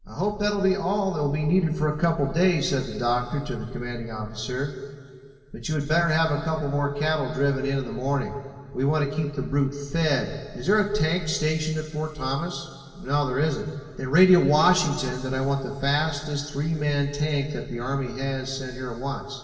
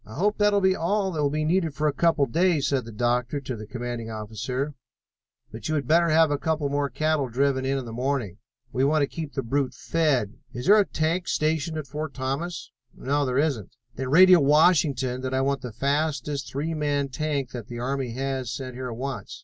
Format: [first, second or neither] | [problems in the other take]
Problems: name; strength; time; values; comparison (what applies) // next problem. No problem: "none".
second | room echo; dies away in 2.3 s